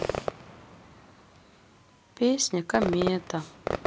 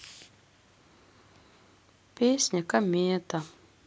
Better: second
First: background sound (Fireworks); 5 dB below the speech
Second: none

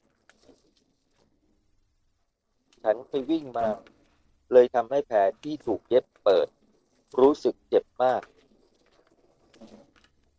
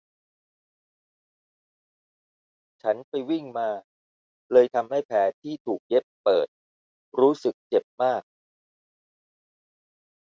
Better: second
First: noise reduction (neural separator model SepFormer DNS4)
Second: none

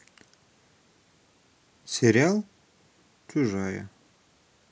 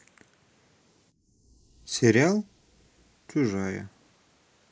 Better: first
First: none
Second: noise reduction (neural mask model Resemble Enhance denoiser)

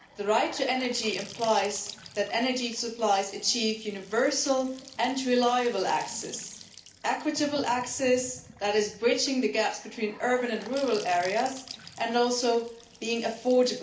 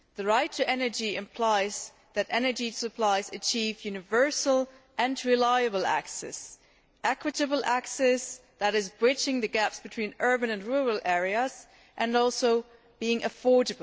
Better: second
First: background sound (Trickle, dribble / Bathtub (filling or washing) / Sink (filling or washing) / Gurgling / Splash, splatter); 19 dB below the speech // room echo; dies away in 0.4 s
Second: none

